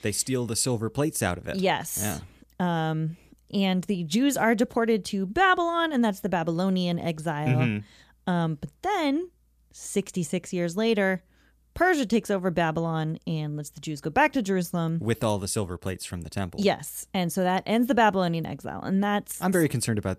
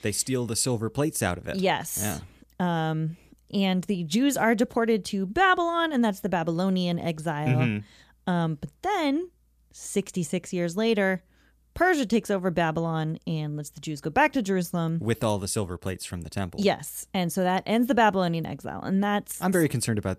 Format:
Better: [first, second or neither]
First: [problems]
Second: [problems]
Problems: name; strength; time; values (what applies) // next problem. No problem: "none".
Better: neither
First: none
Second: none